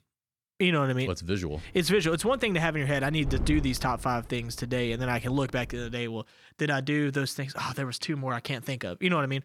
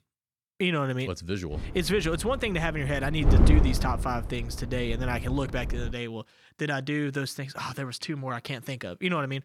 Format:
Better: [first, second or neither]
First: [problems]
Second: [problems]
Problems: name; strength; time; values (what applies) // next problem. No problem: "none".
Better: first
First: wind noise on the microphone; occasional gusts; from 1.5 to 6 s; 20 dB below the speech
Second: wind noise on the microphone; heavy; from 1.5 to 6 s; 9 dB below the speech